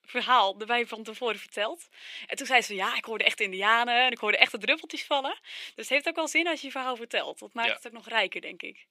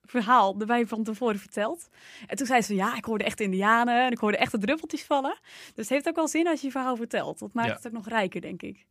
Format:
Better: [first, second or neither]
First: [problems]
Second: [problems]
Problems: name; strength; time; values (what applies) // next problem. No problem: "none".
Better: second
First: thin; somewhat; fading below 450 Hz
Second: none